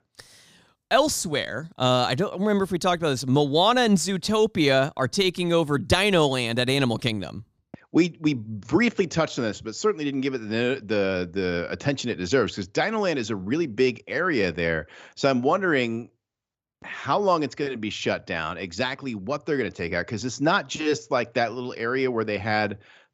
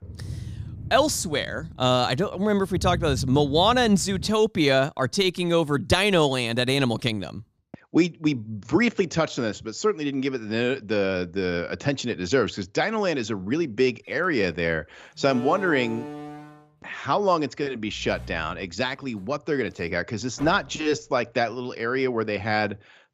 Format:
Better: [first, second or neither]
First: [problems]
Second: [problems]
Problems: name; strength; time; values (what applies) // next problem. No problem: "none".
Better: first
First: none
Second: footsteps; noticeable; until 4.5 s; peak 5 dB below the speech // door banging; faint; from 15 to 21 s; peak 10 dB below the speech